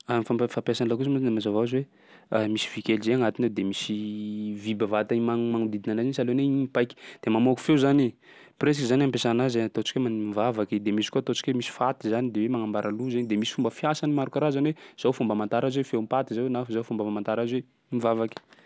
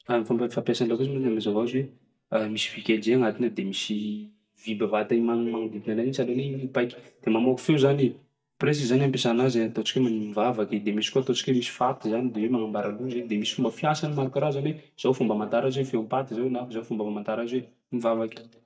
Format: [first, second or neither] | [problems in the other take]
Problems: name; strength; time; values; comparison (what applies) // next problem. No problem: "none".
first | noise reduction (neural mask model DeepFilterNet 3)